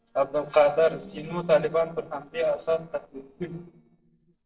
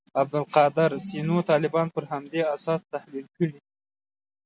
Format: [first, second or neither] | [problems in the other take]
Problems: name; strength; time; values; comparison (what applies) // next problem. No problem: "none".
second | noise reduction (neural separator model SepFormer DNS4)